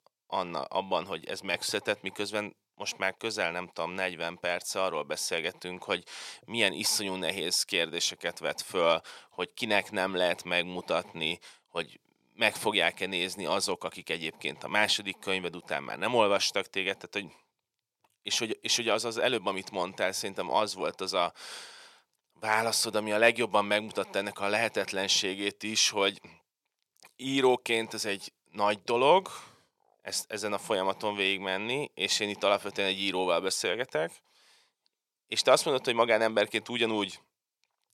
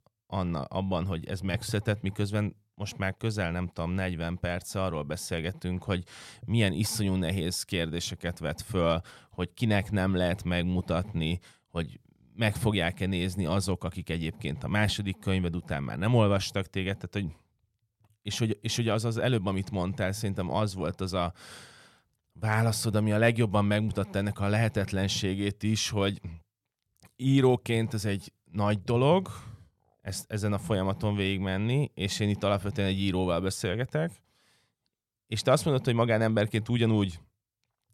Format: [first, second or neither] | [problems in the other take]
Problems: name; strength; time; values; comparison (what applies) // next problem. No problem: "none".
second | thin; very; fading below 450 Hz